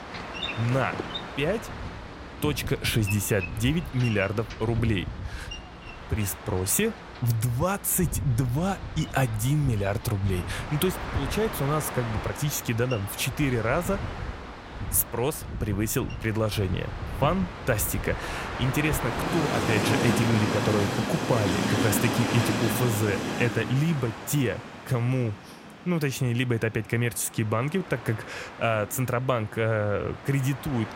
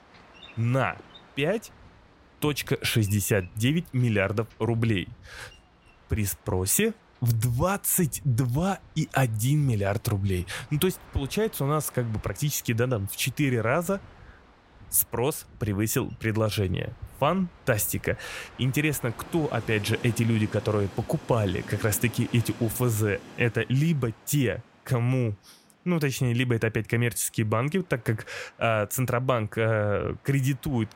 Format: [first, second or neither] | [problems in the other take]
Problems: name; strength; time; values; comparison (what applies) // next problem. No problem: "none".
second | train or aircraft noise; loud; throughout; 5 dB below the speech; faint in the second